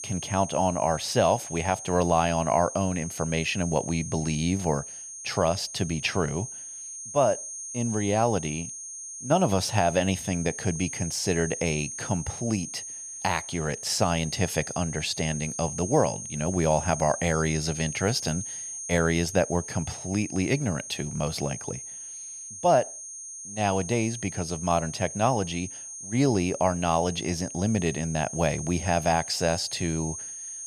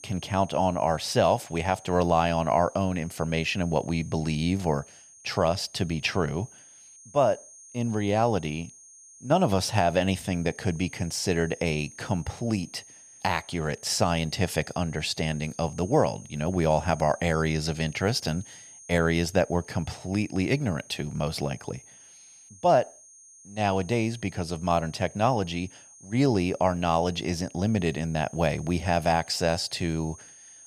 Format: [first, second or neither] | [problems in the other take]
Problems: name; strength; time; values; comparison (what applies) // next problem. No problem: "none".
second | high-pitched whine; loud; throughout; 6.5 kHz, 9 dB below the speech; faint in the second